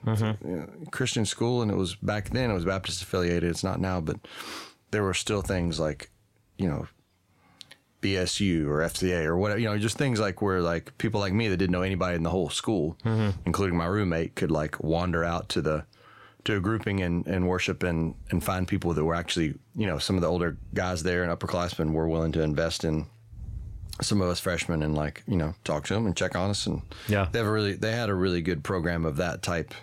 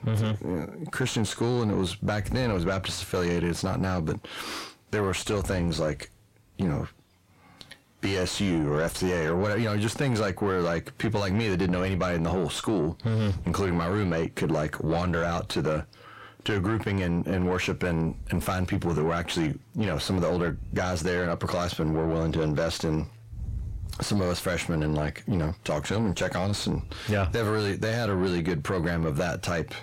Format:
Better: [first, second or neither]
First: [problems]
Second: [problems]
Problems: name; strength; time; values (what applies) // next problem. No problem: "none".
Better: first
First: none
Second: distortion; slight; 10 dB below the speech